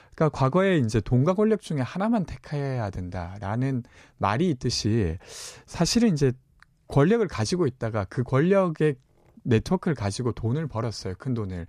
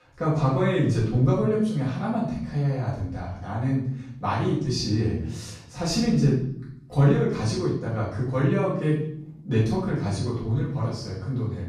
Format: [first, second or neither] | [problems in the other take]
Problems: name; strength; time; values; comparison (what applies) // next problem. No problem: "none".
first | off-mic speech; far // room echo; noticeable; dies away in 0.7 s